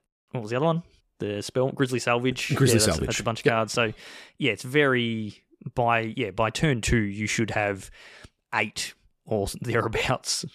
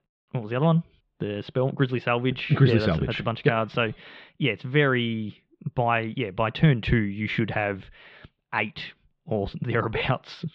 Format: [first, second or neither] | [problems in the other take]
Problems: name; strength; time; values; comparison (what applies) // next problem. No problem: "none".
first | muffled; very; fading above 3.5 kHz